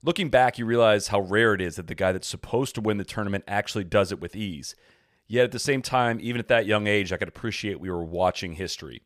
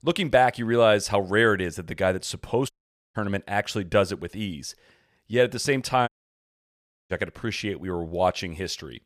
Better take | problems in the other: first | audio cutting out; at 2.5 s and at 6 s for 1 s

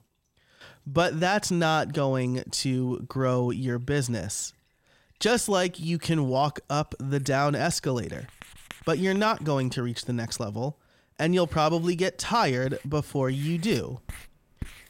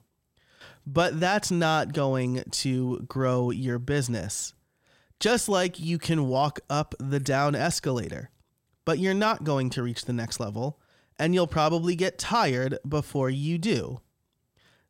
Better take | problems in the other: second | household noises; faint; throughout; 20 dB below the speech

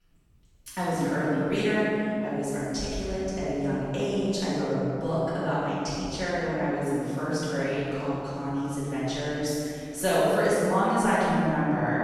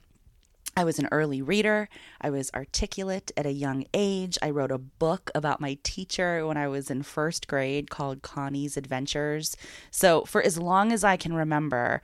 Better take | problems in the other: second | off-mic speech; far // room echo; strong; dies away in 2.5 s

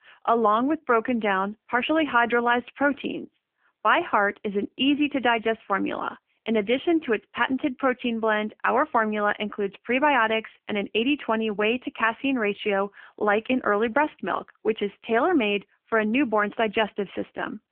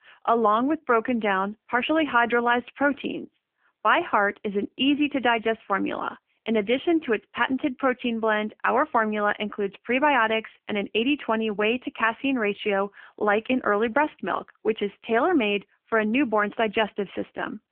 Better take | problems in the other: neither | phone-call audio; nothing above 3 kHz; the same in both

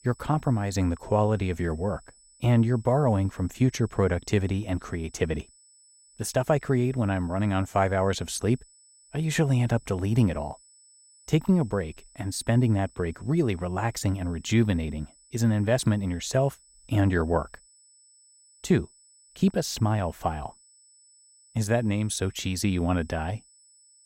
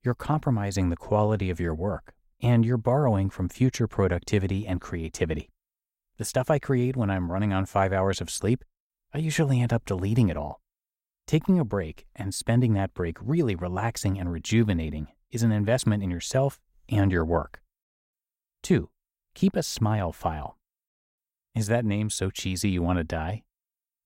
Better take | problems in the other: second | high-pitched whine; faint; throughout; 8 kHz, 30 dB below the speech

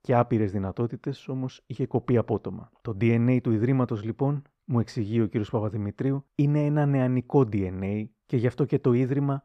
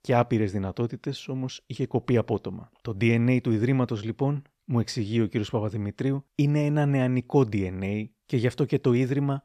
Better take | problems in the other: second | muffled; slightly; fading above 2 kHz

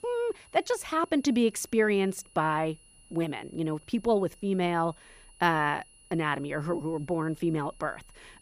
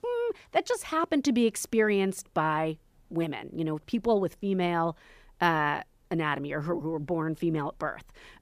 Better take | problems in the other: second | high-pitched whine; faint; throughout; 10 kHz, 25 dB below the speech

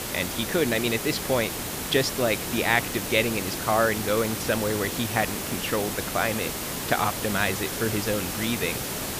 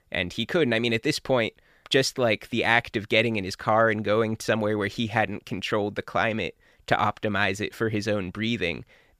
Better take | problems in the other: second | hiss; loud; throughout; 3 dB below the speech

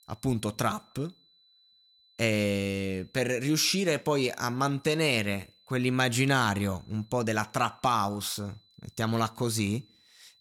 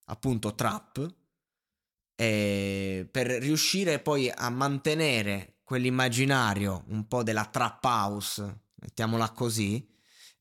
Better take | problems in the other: second | high-pitched whine; faint; throughout; 4 kHz, 30 dB below the speech

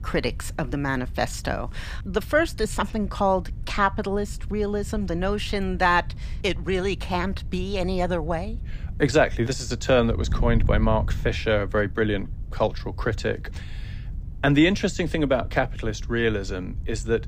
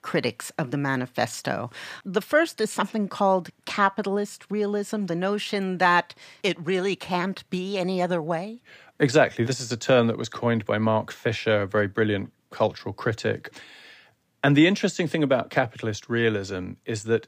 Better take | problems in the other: second | wind noise on the microphone; occasional gusts; 25 dB below the speech

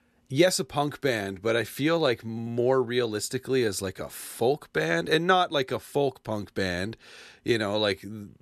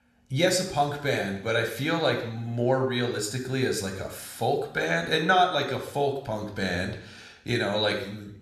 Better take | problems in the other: first | room echo; slight; dies away in 0.7 s

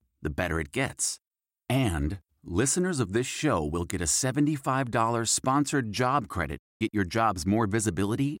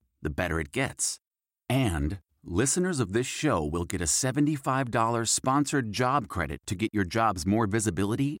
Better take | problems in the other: second | audio cutting out; at 6.5 s

